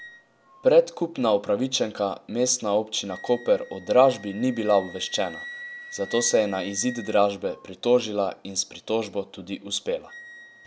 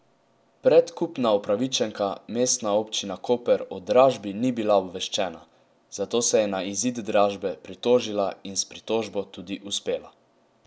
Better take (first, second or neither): second